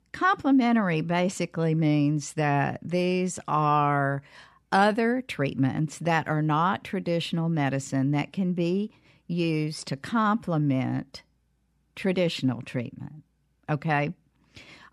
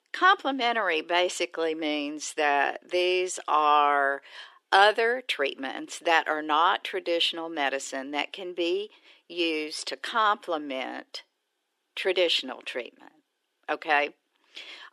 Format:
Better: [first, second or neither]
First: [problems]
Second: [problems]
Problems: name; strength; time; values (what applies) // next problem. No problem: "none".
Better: first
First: none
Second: thin; very; fading below 350 Hz